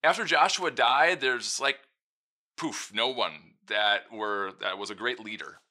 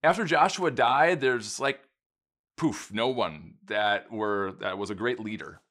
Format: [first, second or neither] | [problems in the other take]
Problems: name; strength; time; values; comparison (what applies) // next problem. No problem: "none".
second | thin; somewhat; fading below 700 Hz